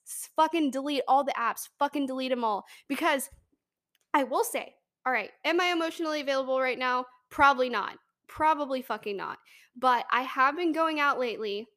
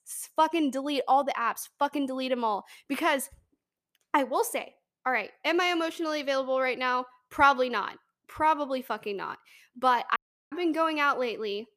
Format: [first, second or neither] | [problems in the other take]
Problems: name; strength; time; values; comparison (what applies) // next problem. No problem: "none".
first | audio cutting out; at 10 s